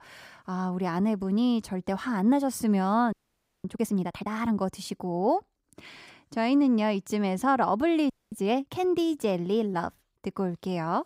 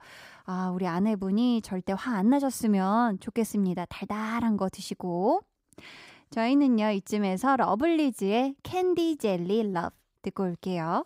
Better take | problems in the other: second | audio freezing; at 3 s for 0.5 s and at 8 s

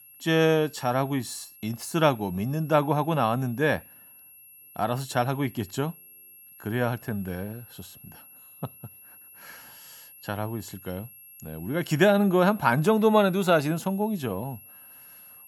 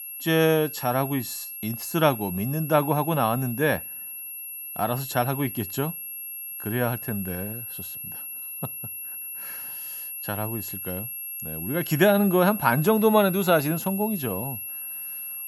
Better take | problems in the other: first | high-pitched whine; loud; throughout; 11.5 kHz, 8 dB below the speech; faint in the first

